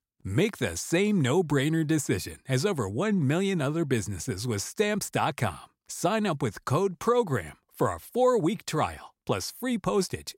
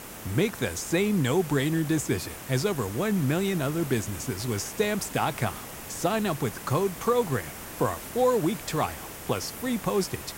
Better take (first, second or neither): first